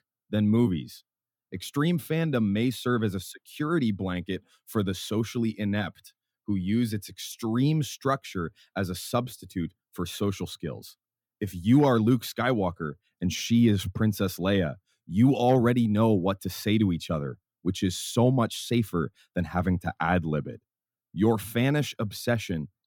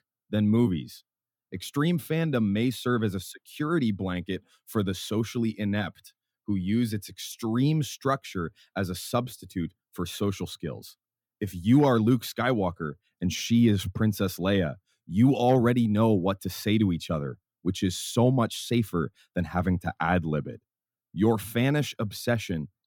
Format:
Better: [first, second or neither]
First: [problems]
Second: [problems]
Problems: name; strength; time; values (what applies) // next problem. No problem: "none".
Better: neither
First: none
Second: none